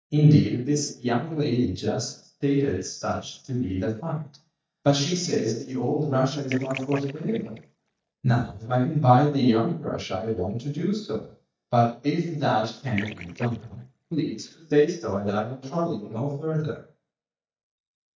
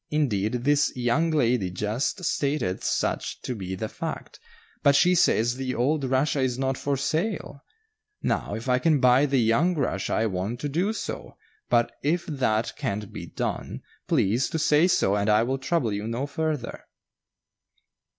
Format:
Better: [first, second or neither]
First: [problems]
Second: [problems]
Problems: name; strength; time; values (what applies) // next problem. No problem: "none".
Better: second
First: noise reduction (neural mask model DeepFilterNet 3)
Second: none